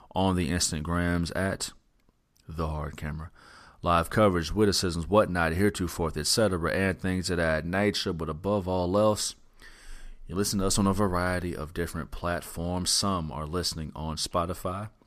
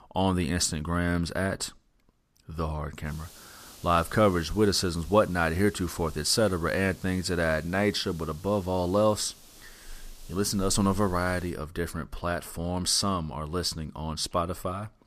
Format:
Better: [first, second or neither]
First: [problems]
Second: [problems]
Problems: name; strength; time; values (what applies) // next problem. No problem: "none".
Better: first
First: none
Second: hiss; faint; from 3 to 12 s; 20 dB below the speech